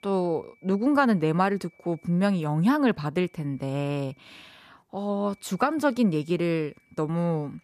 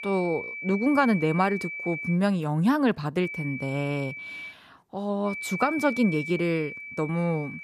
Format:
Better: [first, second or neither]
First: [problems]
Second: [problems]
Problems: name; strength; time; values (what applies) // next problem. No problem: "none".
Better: first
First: high-pitched whine; faint; until 2 s, from 3 to 4.5 s and from 5.5 s on; 2.5 kHz, 35 dB below the speech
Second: high-pitched whine; loud; until 2 s, from 3 to 4.5 s and from 5.5 s on; 2.5 kHz, 8 dB below the speech